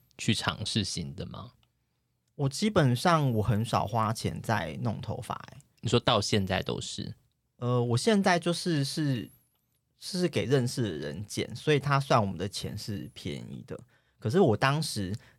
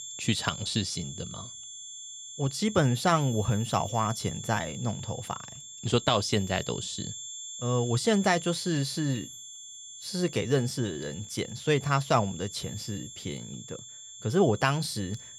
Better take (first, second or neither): first